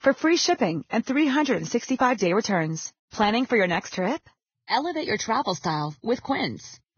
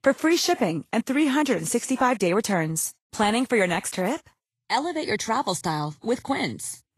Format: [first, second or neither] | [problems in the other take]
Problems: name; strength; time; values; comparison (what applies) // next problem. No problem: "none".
second | garbled, watery; badly; nothing above 6.5 kHz; slightly in the second